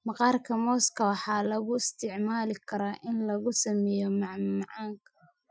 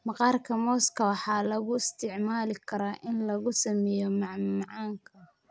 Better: second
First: noise reduction (classical method Wiener filter)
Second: none

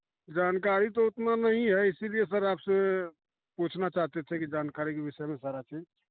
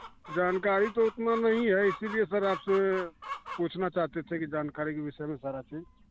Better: first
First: none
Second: background sound (Chicken, rooster); 15 dB below the speech

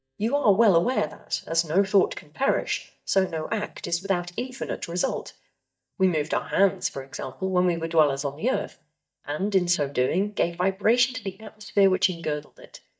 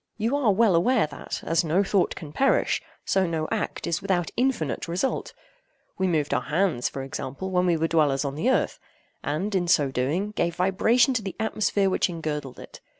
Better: second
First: noise reduction (neural mask model DeepFilterNet 3)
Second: none

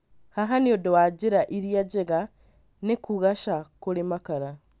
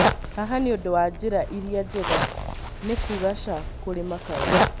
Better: first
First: none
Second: background sound (Zipper (clothing)); as loud as the speech

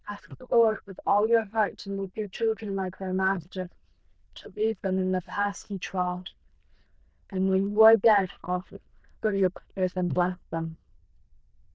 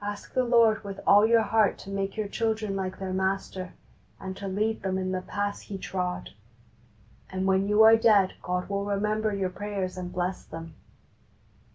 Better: second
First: noise reduction (neural diffusion model UNIVERSE++)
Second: none

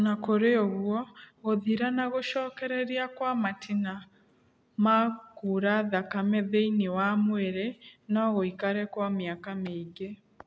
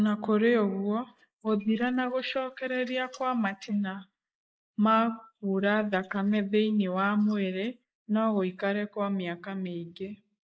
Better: first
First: none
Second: noise reduction (neural mask model Resemble Enhance denoiser)

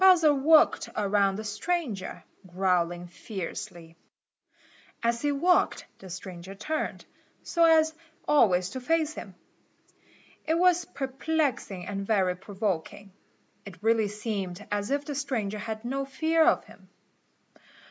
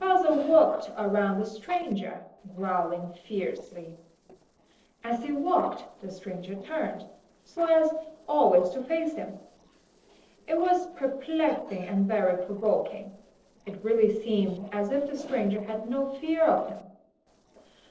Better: first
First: none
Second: noise reduction (neural separator model SepFormer DNS4)

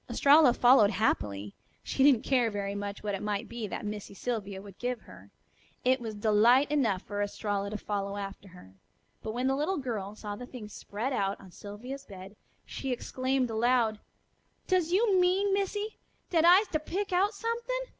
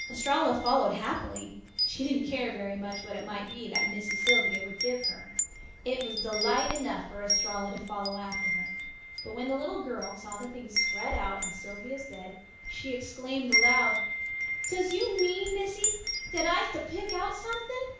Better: first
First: none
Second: background sound (Wind chime); as loud as the speech // room echo; dies away in 0.7 s

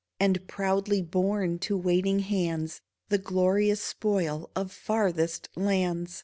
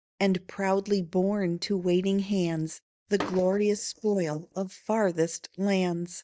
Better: first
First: none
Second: noise reduction (neural mask model DeepFilterNet 3)

